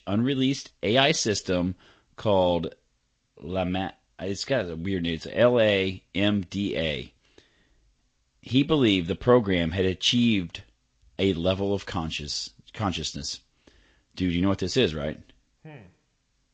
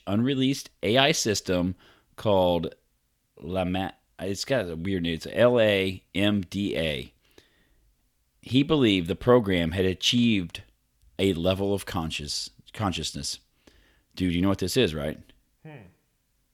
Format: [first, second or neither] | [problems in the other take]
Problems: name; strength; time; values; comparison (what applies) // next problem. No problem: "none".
second | garbled, watery; slightly